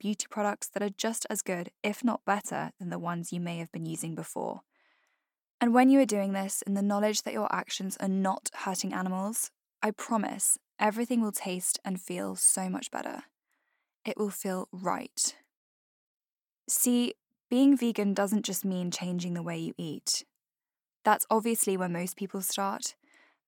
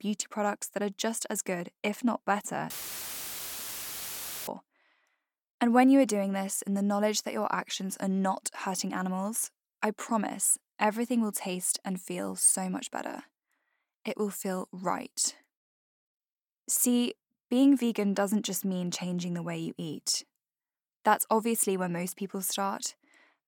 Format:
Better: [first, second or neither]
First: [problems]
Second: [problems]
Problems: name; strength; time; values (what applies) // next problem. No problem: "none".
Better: first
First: none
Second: audio cutting out; filled with static; at 2.5 s for 2 s